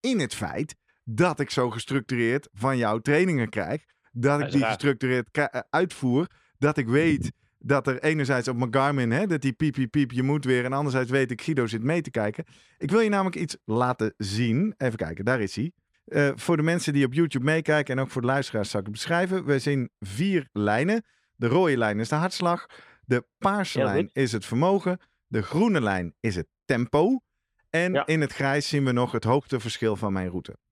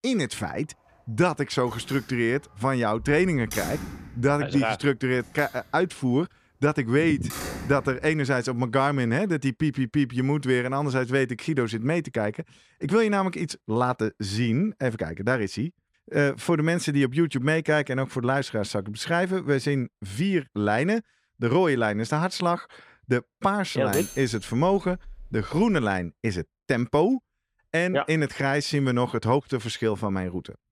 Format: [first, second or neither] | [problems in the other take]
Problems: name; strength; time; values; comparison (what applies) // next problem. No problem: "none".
first | door banging; noticeable; from 1.5 to 8 s; peak 7 dB below the speech // clattering dishes; noticeable; from 24 to 26 s; peak 8 dB below the speech